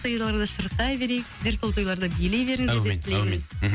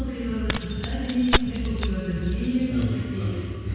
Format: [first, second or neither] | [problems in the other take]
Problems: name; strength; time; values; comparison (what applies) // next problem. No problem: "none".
first | background sound (Keys jangling); 4 dB below the speech // room echo; dies away in 2 s